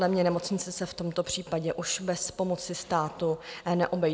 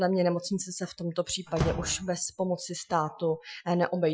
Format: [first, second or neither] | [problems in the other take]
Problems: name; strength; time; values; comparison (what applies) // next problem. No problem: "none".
first | noise reduction (classical method Wiener filter)